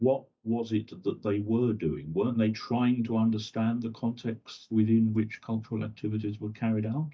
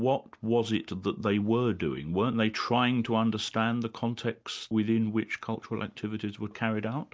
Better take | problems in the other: second | noise reduction (neural mask model DeepFilterNet 3)

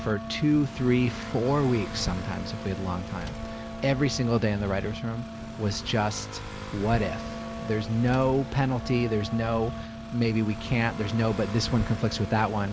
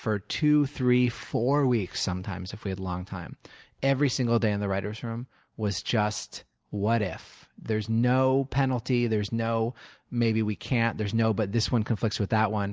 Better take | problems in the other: second | background sound (Motorcycle / Accelerating, revving, vroom + Wind instrument, woodwind instrument); 9 dB below the speech

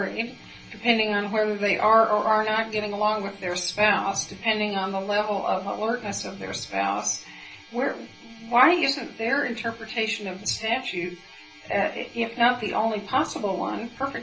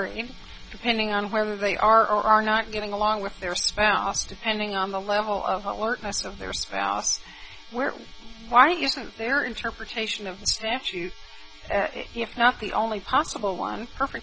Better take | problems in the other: second | room echo; dies away in 0.3 s

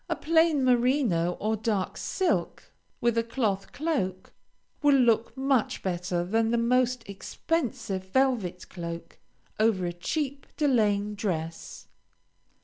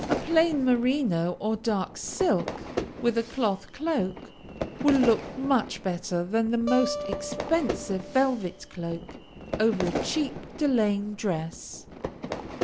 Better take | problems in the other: first | background sound (Fire / Fireworks + Acoustic guitar); 8 dB below the speech

